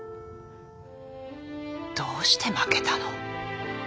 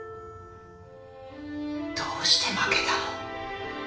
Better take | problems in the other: first | room echo; dies away in 0.5 s

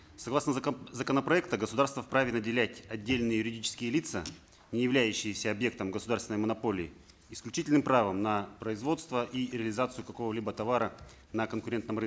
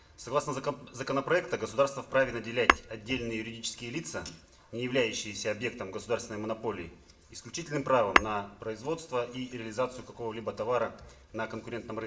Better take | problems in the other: first | background sound (Tap / Hammer); 1 dB below the speech // room echo; dies away in 0.6 s

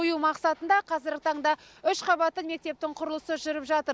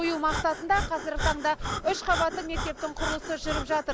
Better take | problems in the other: first | background sound (Breathing); 4 dB below the speech

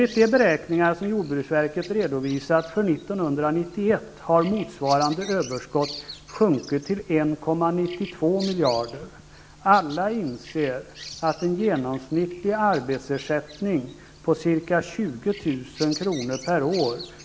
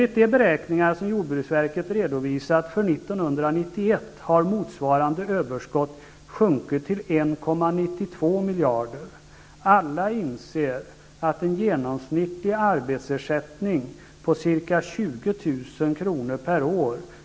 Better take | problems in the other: second | background sound (Bird vocalization, bird call, bird song); 19 dB below the speech

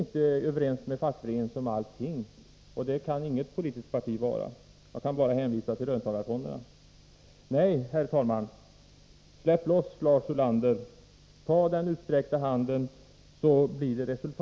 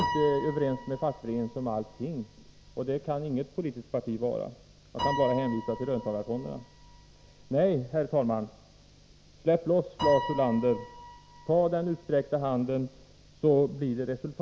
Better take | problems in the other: first | background sound (Piano); 11 dB below the speech

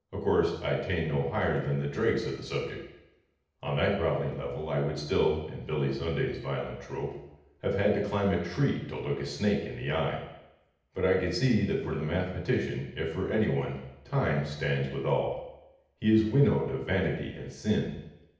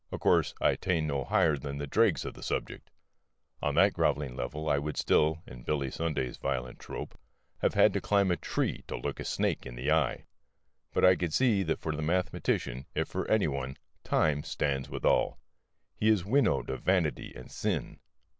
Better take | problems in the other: second | room echo; dies away in 0.8 s

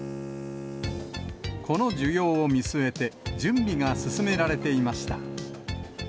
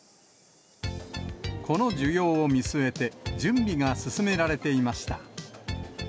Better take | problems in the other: second | background sound (Bowed string instrument); 10 dB below the speech

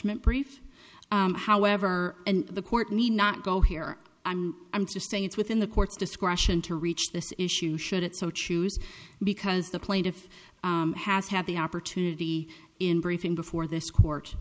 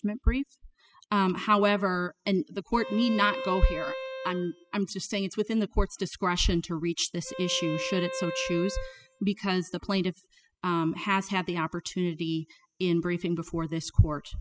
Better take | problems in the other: first | noise reduction (classical method spectral subtraction)

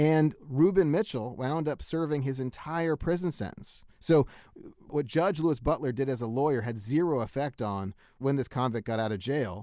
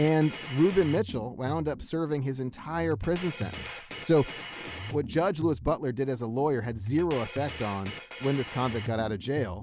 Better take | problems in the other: first | background sound (Drum kit); 12 dB below the speech

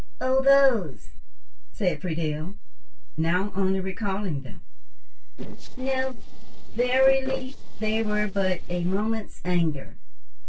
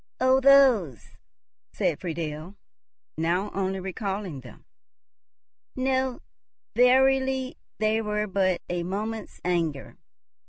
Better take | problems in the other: second | noise reduction (neural separator model SepFormer DNS4)

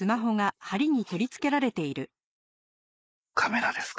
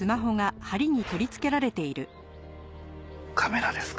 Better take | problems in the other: second | noise reduction (neural mask model Resemble Enhance denoiser)

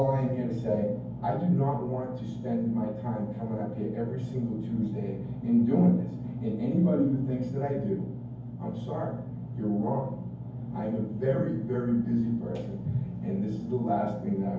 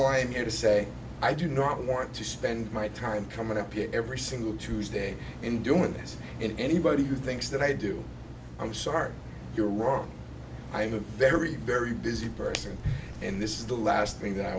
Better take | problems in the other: second | room echo; dies away in 0.9 s

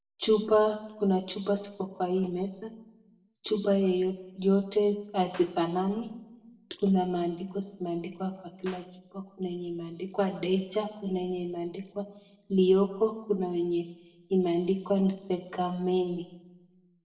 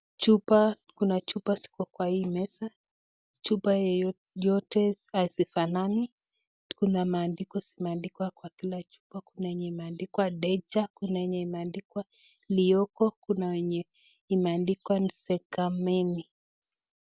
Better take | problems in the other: second | noise reduction (neural separator model SepFormer DNS4)

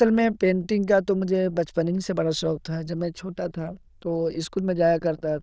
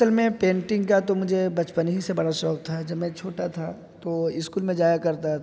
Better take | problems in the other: second | noise reduction (neural diffusion model UNIVERSE++)

